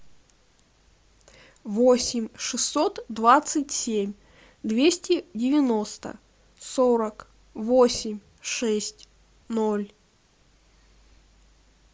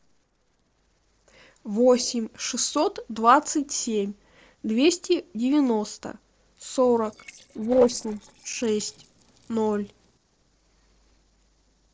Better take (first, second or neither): first